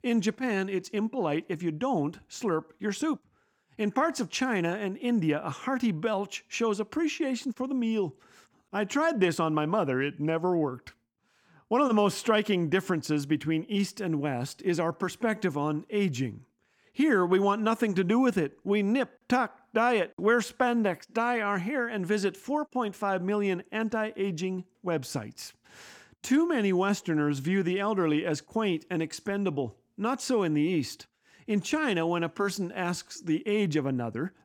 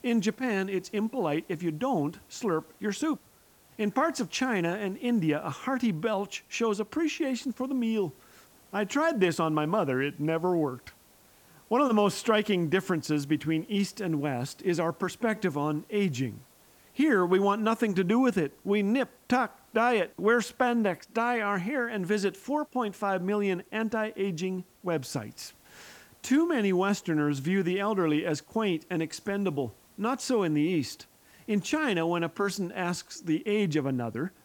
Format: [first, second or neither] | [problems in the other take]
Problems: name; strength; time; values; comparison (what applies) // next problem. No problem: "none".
first | hiss; faint; throughout; 30 dB below the speech